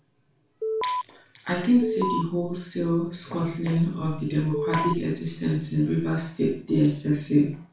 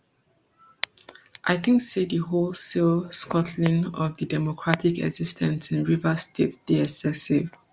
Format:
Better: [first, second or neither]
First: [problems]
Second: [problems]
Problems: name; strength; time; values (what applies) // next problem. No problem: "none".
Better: second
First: background sound (Alarm); 1 dB below the speech // room echo; dies away in 0.4 s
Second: none